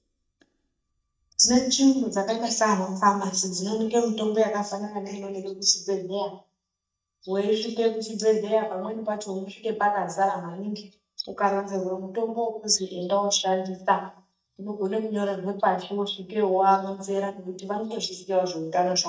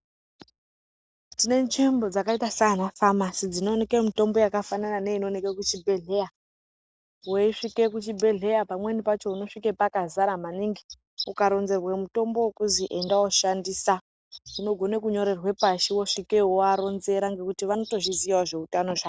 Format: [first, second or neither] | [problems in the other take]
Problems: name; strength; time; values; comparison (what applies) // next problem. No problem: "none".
second | noise reduction (neural mask model DeepFilterNet 3)